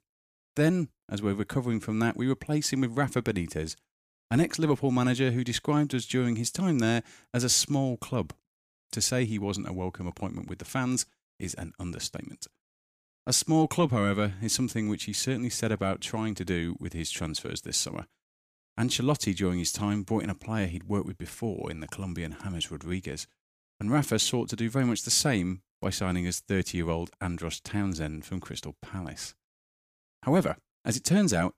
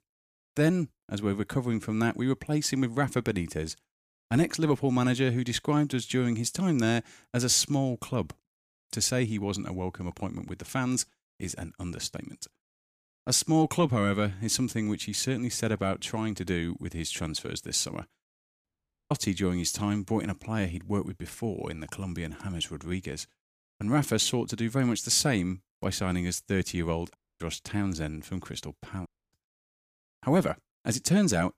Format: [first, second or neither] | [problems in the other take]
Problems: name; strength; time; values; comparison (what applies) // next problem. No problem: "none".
first | audio cutting out; at 19 s, at 27 s and at 29 s